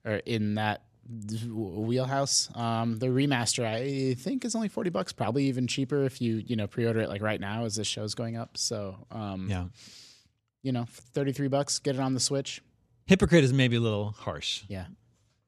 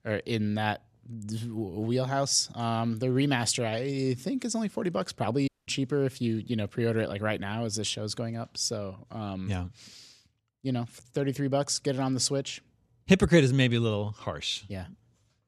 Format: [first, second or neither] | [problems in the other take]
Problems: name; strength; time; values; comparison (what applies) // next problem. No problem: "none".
first | audio cutting out; at 5.5 s